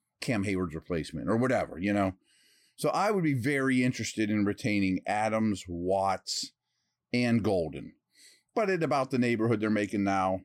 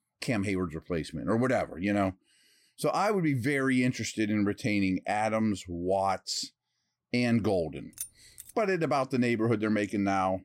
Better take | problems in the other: first | jangling keys; faint; at 8 s; peak 10 dB below the speech

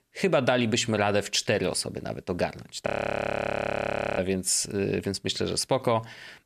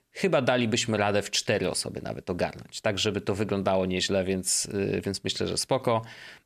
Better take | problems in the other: second | audio freezing; at 3 s for 1.5 s

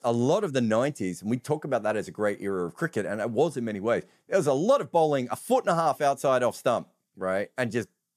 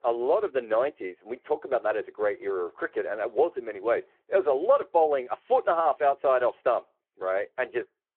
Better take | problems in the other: first | phone-call audio

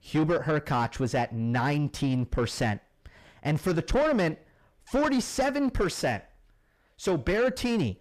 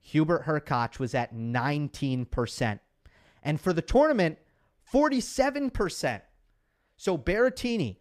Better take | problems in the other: second | distortion; heavy; 7 dB below the speech

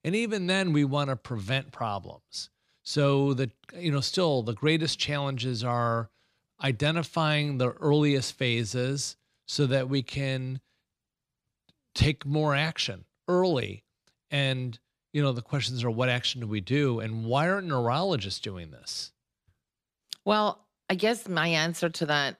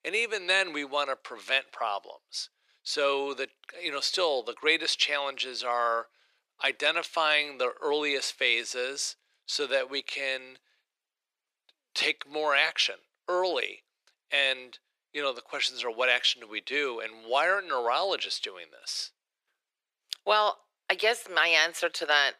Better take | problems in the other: first | thin; very; fading below 450 Hz

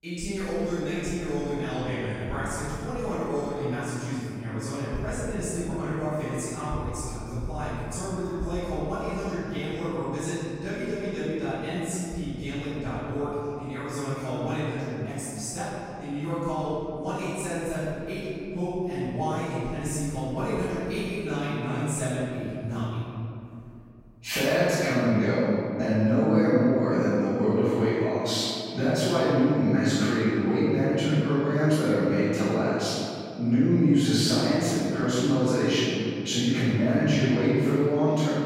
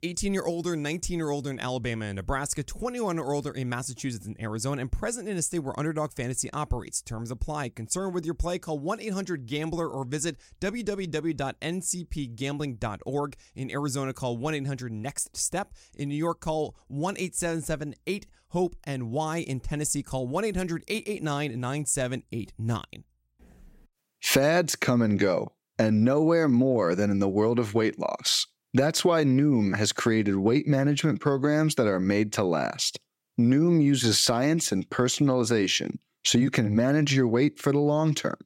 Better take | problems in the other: second | off-mic speech; far // room echo; strong; dies away in 2.5 s

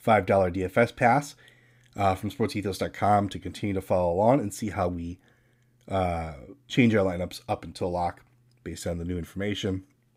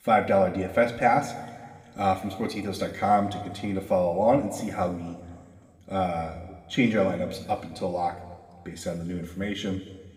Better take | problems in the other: first | room echo; slight; dies away in 1.8 s // off-mic speech; somewhat distant

